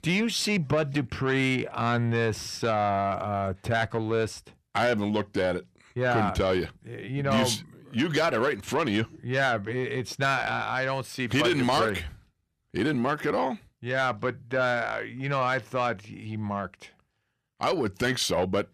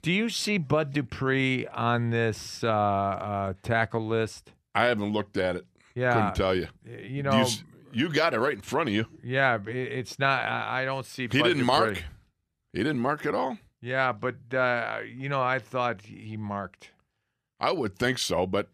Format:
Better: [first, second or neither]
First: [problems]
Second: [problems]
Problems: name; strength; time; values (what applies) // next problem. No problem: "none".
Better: second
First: distortion; slight; 10 dB below the speech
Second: none